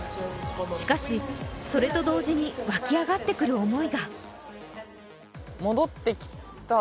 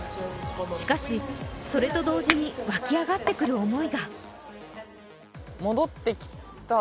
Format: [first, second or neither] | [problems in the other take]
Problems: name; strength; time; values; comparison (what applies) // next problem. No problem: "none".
first | background sound (Chink, clink); 7 dB below the speech